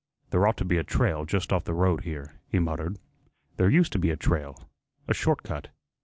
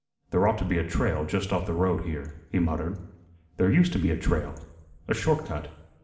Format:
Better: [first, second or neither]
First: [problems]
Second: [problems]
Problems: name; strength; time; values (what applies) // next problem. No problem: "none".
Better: first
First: none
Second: room echo; dies away in 0.8 s